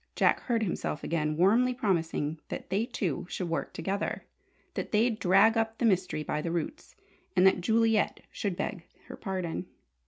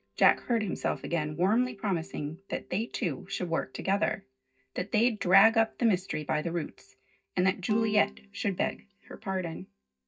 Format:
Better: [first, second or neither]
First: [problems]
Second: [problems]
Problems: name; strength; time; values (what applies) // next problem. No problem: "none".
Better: first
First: none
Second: noise reduction (neural mask model DeepFilterNet 3)